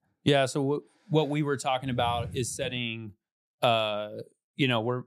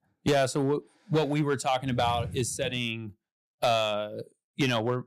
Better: first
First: none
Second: distortion; slight; 4% of the sound clipped

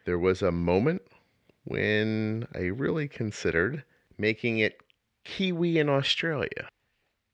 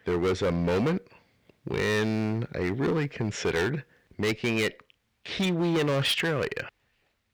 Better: first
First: none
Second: distortion; heavy; 13% of the sound clipped

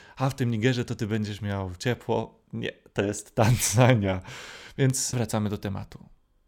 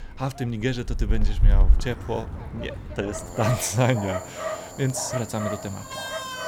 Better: first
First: none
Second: animal sounds; loud; throughout; 1 dB below the speech

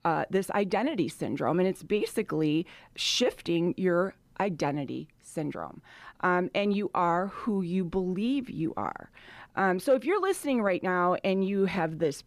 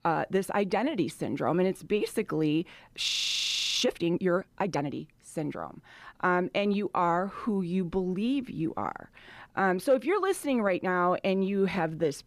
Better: first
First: none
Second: audio freezing; at 3 s for 0.5 s

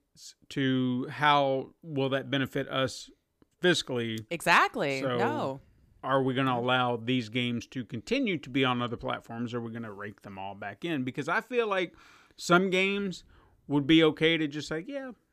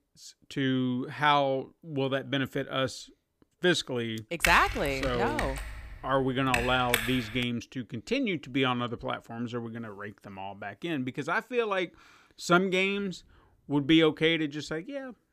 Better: first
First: none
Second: keyboard typing; noticeable; from 4.5 to 7.5 s; peak level with the speech

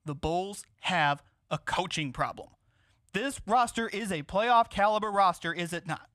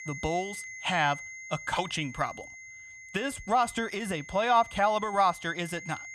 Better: first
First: none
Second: high-pitched whine; noticeable; throughout; 2 kHz, 15 dB below the speech

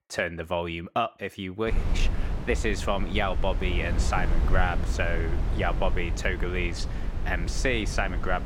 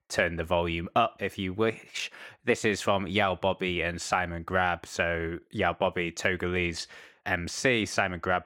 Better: second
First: wind noise on the microphone; occasional gusts; from 1.5 s on; 10 dB below the speech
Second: none

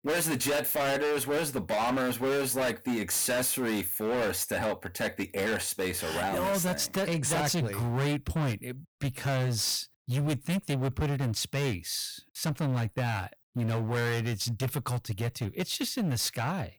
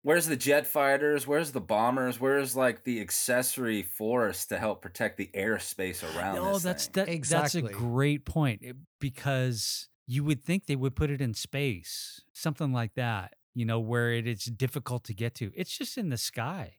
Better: second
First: distortion; heavy; 23% of the sound clipped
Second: none

